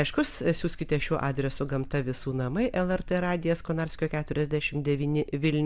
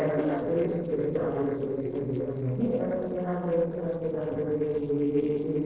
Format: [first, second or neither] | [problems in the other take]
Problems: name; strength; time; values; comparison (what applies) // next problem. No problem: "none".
first | noise reduction (neural separator model SepFormer DNS4)